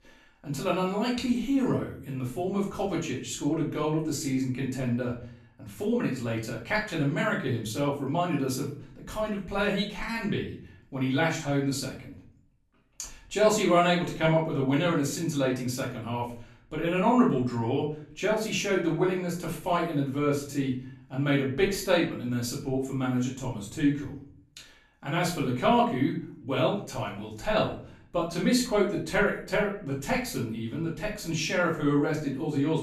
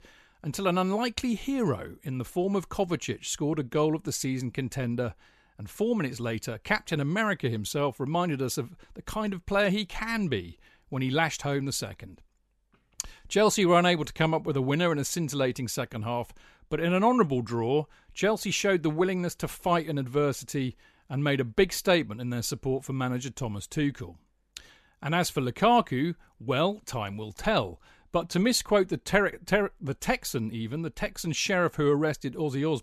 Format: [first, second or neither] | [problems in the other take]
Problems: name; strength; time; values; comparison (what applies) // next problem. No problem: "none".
second | off-mic speech; far // room echo; slight; dies away in 0.4 s